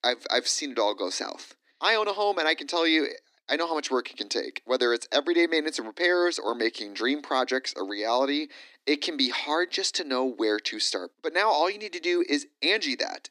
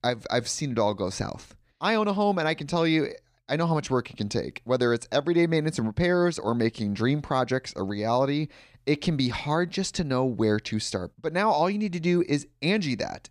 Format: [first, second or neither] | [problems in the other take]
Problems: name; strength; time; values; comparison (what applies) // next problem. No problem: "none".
second | thin; somewhat; fading below 250 Hz